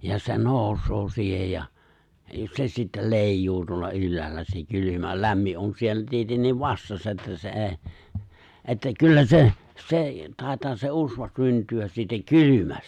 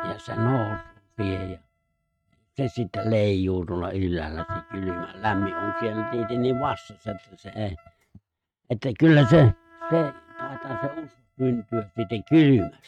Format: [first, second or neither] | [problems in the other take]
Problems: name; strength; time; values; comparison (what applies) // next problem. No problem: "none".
first | noise reduction (neural mask model RNNoise)